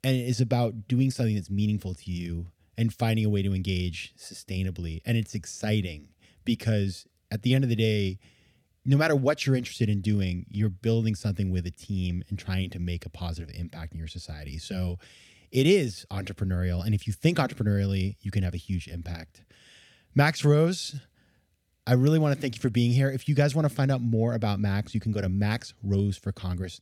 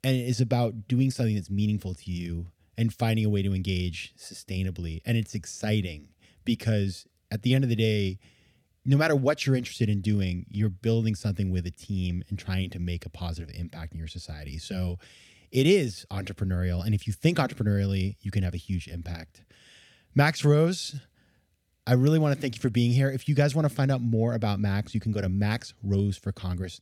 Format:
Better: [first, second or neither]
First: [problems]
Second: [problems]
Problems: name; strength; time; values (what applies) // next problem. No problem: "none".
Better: neither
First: none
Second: none